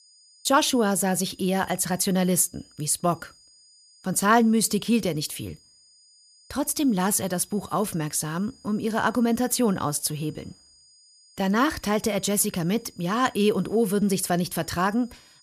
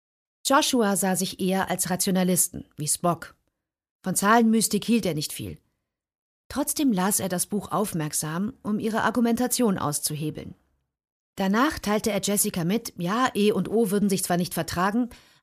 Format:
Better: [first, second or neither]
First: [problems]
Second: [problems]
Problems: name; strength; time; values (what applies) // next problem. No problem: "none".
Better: second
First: high-pitched whine; faint; throughout; 5 kHz, 30 dB below the speech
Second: none